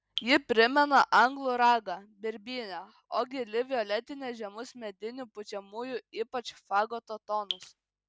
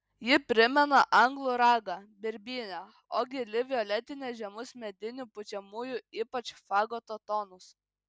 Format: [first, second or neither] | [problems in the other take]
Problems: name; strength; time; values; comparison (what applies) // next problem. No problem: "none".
second | background sound (Drip); 10 dB below the speech